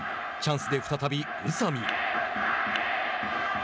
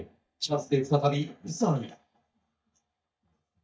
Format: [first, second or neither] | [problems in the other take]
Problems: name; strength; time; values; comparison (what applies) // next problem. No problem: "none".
first | noise reduction (neural mask model DeepFilterNet 3)